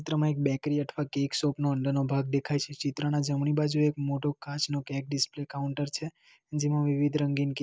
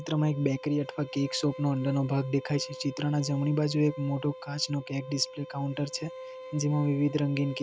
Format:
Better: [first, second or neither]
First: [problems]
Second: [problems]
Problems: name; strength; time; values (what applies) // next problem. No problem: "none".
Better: first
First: none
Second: background sound (Bowed string instrument); 15 dB below the speech